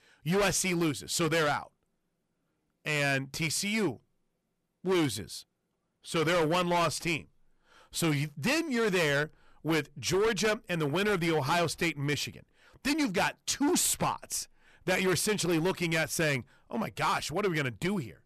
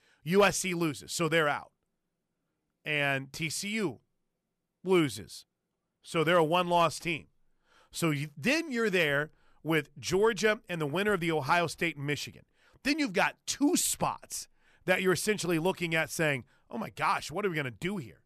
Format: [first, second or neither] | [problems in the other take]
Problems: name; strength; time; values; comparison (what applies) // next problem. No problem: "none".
second | distortion; heavy; 12% of the sound clipped